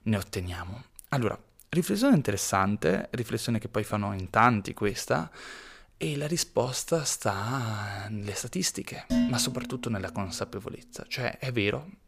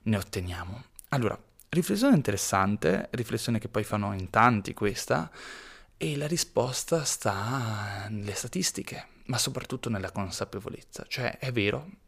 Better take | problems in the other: second | clattering dishes; loud; at 9 s; peak 1 dB above the speech

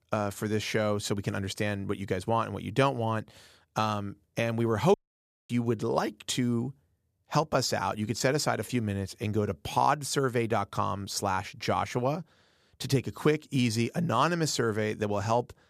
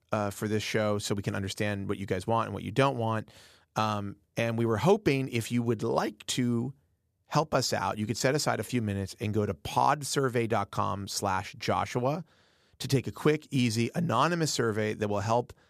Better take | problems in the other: second | audio cutting out; at 5 s for 0.5 s

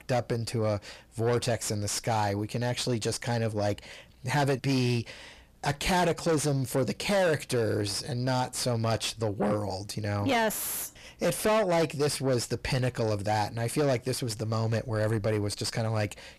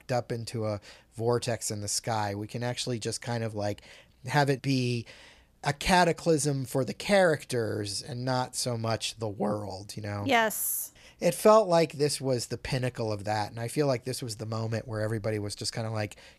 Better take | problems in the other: second | distortion; heavy; 6 dB below the speech

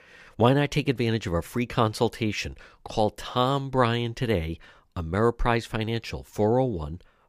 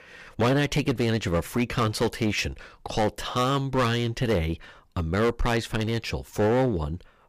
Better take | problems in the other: first | distortion; heavy; 9% of the sound clipped

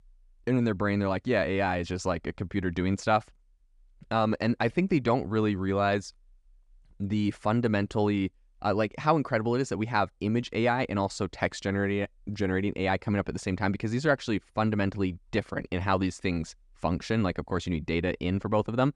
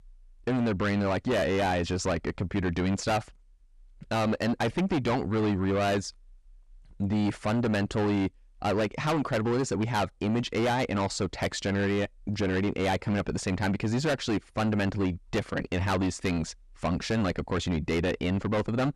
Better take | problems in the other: first | distortion; heavy; 7 dB below the speech

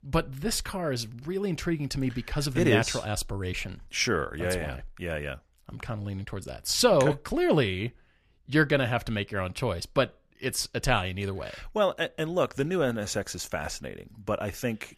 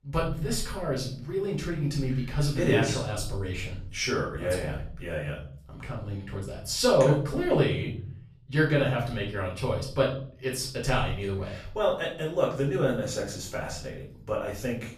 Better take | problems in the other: first | off-mic speech; far // room echo; slight; dies away in 0.6 s

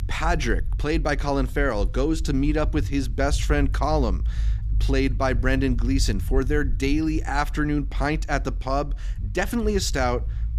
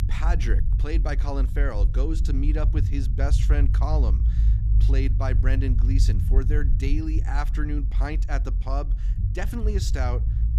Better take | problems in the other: first | low rumble; loud; throughout; 8 dB below the speech; faint in the first

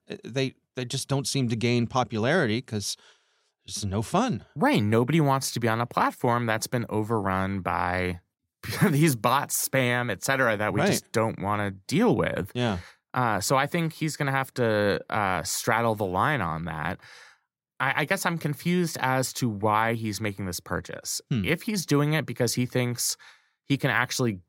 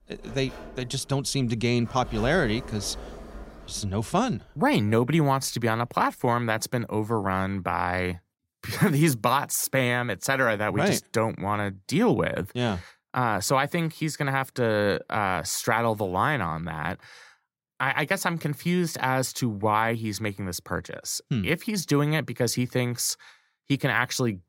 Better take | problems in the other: first | door banging; faint; until 5 s; peak 10 dB below the speech

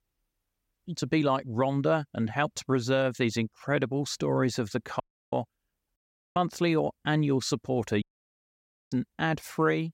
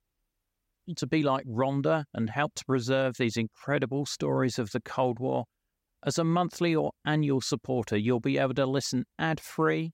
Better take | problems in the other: second | audio cutting out; at 5 s, at 6 s and at 8 s for 1 s

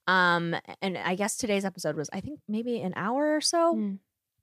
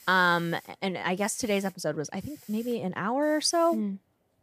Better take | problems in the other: first | hiss; faint; throughout; 25 dB below the speech

